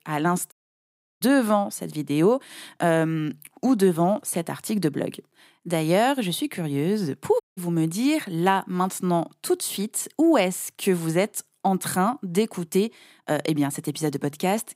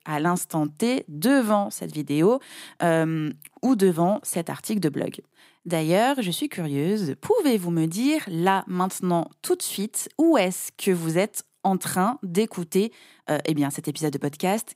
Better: second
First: audio cutting out; at 0.5 s for 0.5 s and at 7.5 s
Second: none

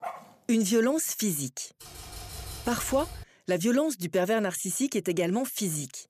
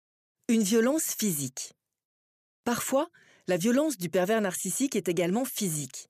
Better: second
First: dog barking; faint; at the start; peak 10 dB below the speech // keyboard typing; faint; from 2 to 3 s; peak 10 dB below the speech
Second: none

